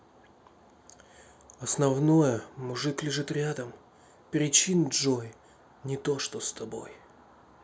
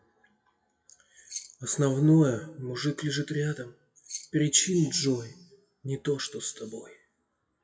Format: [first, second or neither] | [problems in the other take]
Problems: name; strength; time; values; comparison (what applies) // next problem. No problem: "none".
first | noise reduction (classical method WPE with log-MMSE)